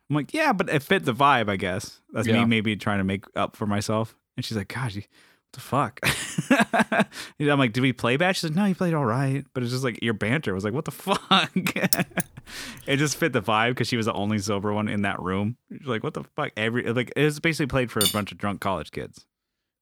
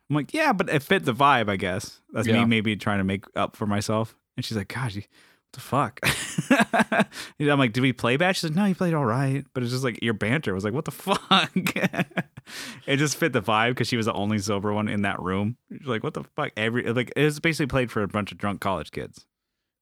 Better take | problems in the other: second | jangling keys; noticeable; at 12 s; peak level with the speech // clattering dishes; loud; at 18 s; peak 1 dB above the speech

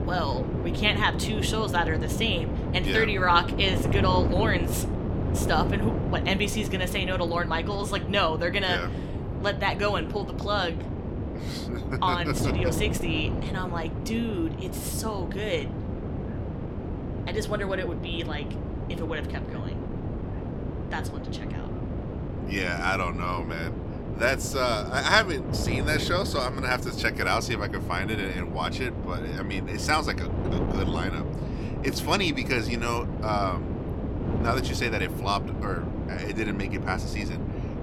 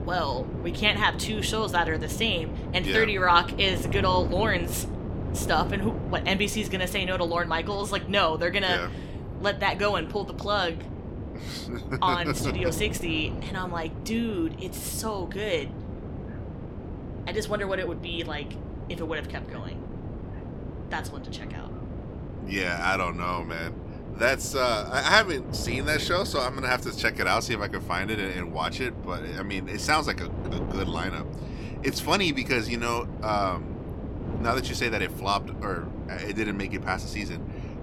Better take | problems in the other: second | wind noise on the microphone; heavy; 10 dB below the speech; occasional gusts in the second

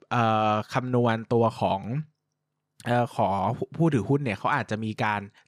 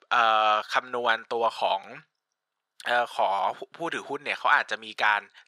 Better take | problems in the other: first | thin; very; fading below 700 Hz

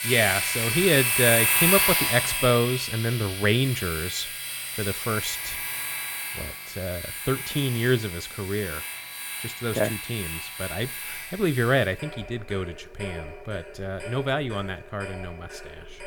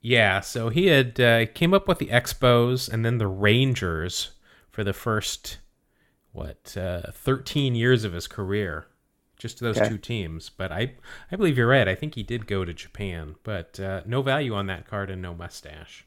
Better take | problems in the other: second | household noises; very loud; throughout; as loud as the speech

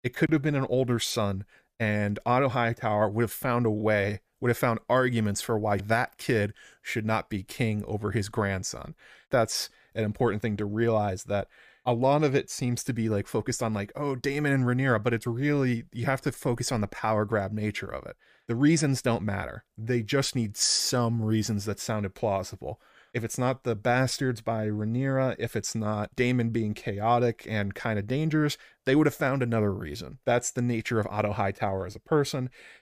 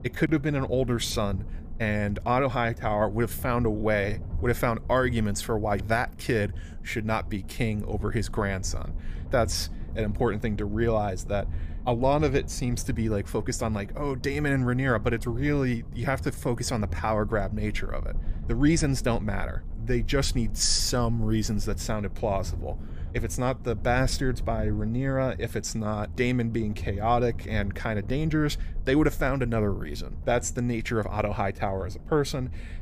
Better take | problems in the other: first | low rumble; faint; throughout; 20 dB below the speech

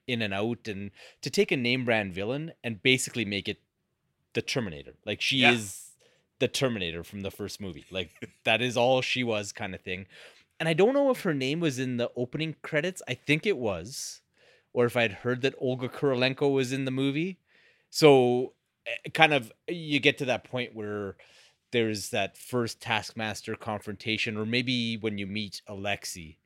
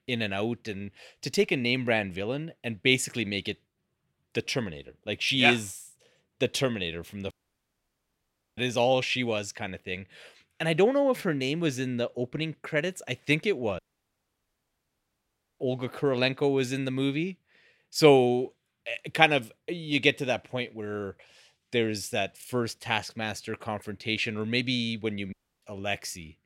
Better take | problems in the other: first | audio cutting out; at 7.5 s for 1.5 s, at 14 s for 2 s and at 25 s

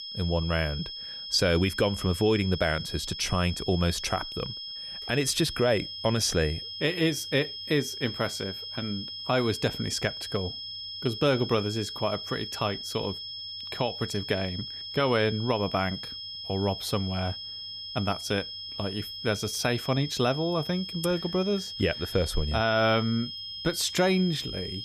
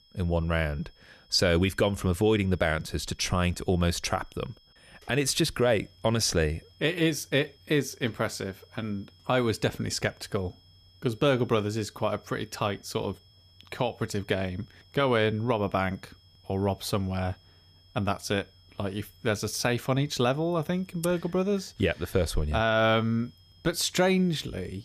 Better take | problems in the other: second | high-pitched whine; loud; throughout; 5 kHz, 7 dB below the speech; faint in the second

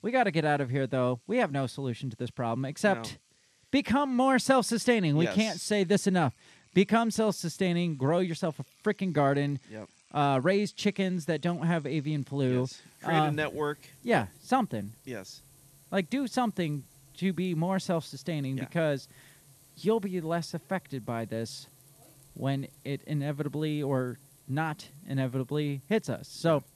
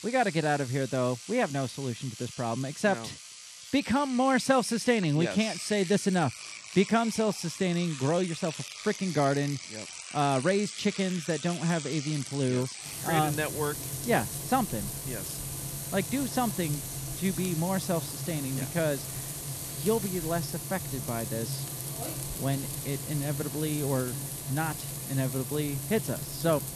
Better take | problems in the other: first | household noises; loud; throughout; 7 dB below the speech; faint in the first

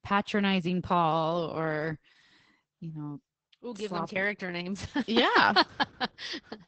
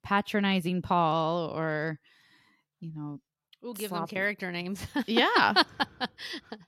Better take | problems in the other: second | garbled, watery; badly; nothing above 8 kHz

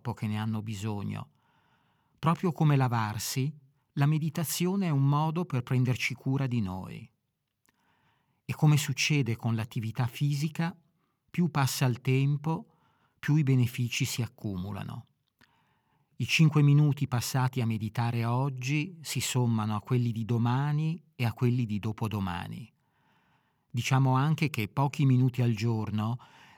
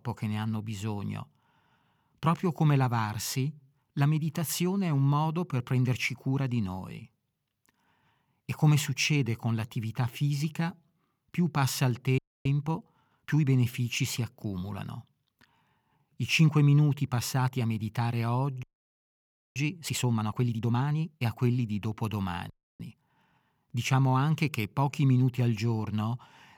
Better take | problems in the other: first | audio freezing; at 12 s, at 19 s for 1 s and at 23 s

